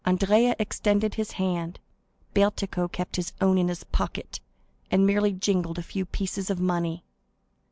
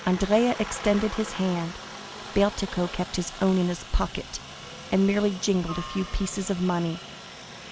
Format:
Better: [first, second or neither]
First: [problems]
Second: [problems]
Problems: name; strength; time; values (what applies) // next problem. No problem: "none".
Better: first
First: none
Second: background sound (Aircraft); 13 dB below the speech